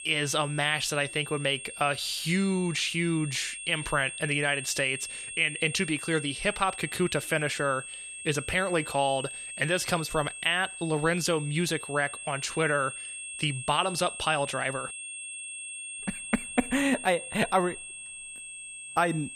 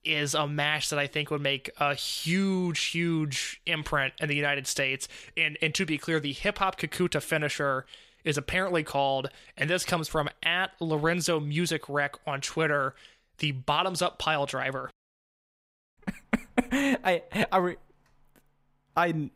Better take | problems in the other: second | high-pitched whine; loud; throughout; 8.5 kHz, 9 dB below the speech

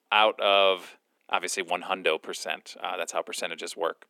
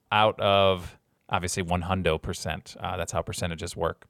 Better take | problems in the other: second | thin; somewhat; fading below 250 Hz

